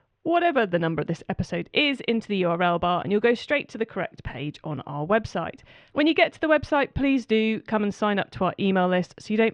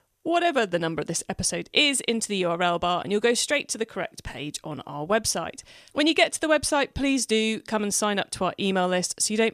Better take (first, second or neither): second